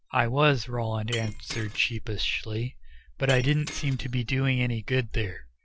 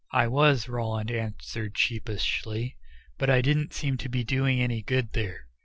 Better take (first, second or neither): second